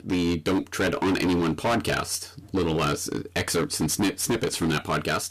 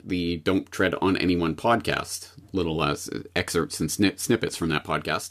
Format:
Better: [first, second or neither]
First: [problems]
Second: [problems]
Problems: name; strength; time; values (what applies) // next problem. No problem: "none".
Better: second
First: distortion; heavy; 19% of the sound clipped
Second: none